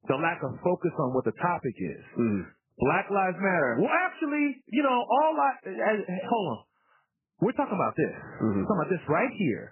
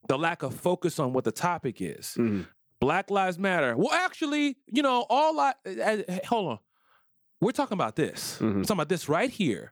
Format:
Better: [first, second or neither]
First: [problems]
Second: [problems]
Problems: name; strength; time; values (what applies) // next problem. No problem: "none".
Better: second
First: garbled, watery; badly; nothing above 3 kHz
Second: none